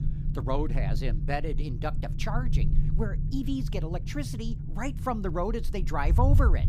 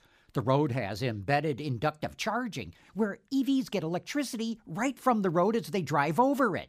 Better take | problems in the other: second | low rumble; noticeable; throughout; 10 dB below the speech

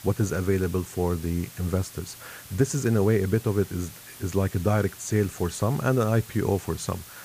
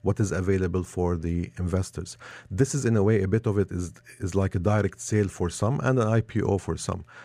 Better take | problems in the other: second | hiss; noticeable; throughout; 15 dB below the speech

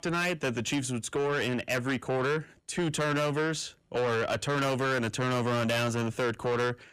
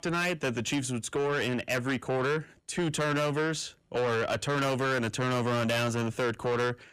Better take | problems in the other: neither | distortion; heavy; 7 dB below the speech; the same in both

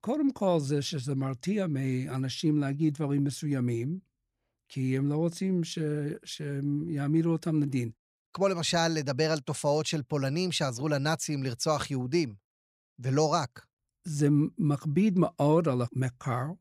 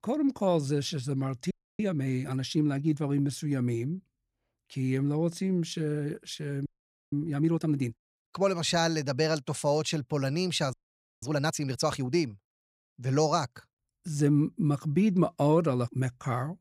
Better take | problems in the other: first | audio freezing; at 1.5 s, at 6.5 s and at 11 s

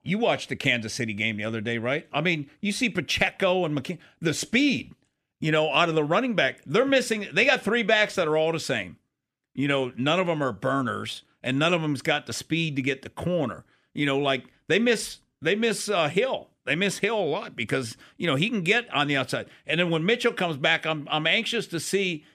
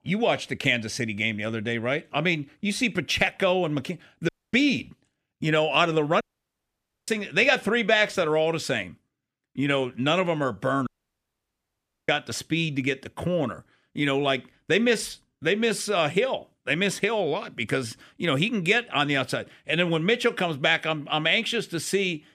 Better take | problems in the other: first | audio cutting out; at 4.5 s, at 6 s for 1 s and at 11 s for 1 s

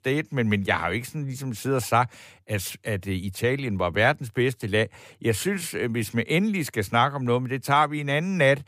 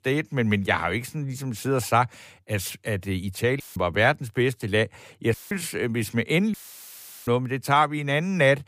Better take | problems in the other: first | audio cutting out; filled with static; at 3.5 s, at 5.5 s and at 6.5 s for 0.5 s

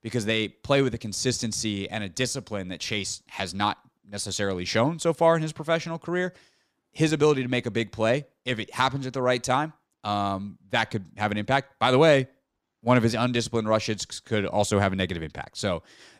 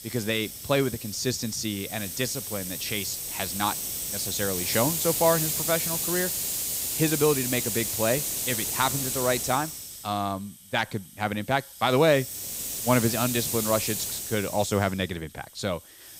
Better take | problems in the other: first | hiss; loud; throughout; 1 dB below the speech

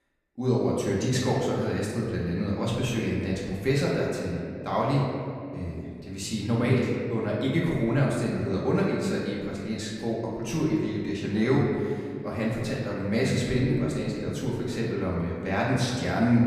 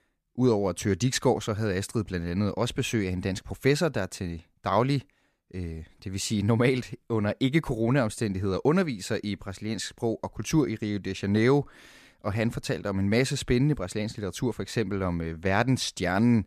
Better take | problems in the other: second | room echo; noticeable; dies away in 2.1 s // off-mic speech; far

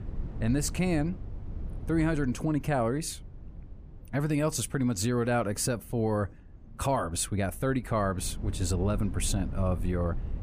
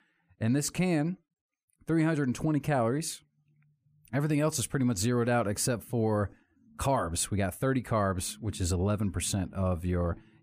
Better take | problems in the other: second | low rumble; faint; throughout; 20 dB below the speech

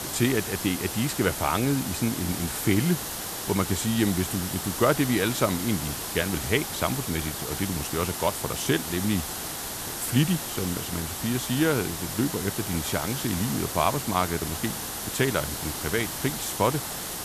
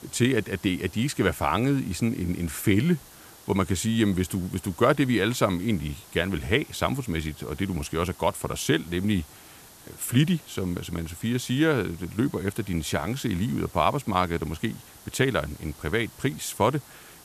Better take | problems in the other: second | hiss; loud; throughout; 4 dB below the speech; faint in the second

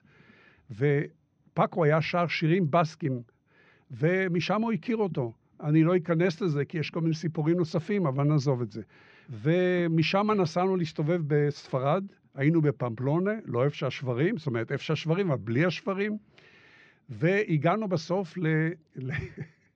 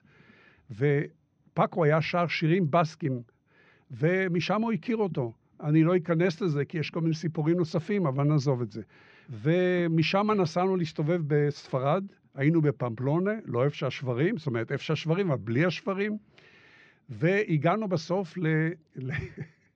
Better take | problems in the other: neither | muffled; slightly; fading above 3.5 kHz; the same in both

